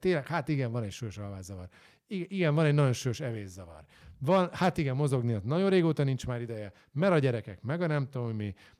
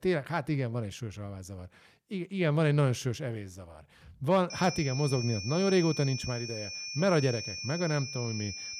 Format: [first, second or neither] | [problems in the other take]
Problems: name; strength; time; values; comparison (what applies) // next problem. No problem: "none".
first | high-pitched whine; loud; from 4.5 s on; 5.5 kHz, 7 dB below the speech